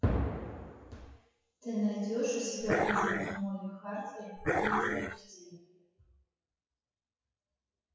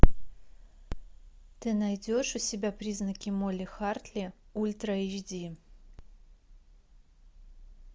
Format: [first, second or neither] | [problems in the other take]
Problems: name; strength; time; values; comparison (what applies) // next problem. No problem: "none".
second | noise reduction (classical method WPE with log-MMSE)